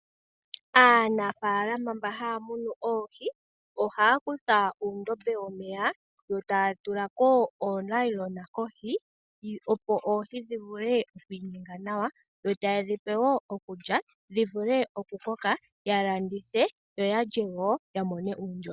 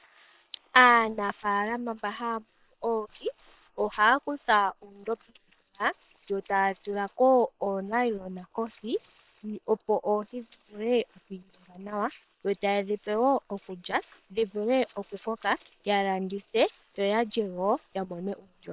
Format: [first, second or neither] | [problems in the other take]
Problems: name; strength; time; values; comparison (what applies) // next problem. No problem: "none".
first | noise reduction (neural separator model SepFormer WHAM!)